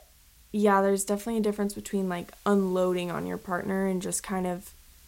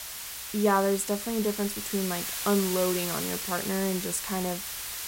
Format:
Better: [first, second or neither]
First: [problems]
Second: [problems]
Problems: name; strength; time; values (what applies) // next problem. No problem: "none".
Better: first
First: hiss; faint; throughout; 25 dB below the speech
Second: hiss; loud; throughout; 4 dB below the speech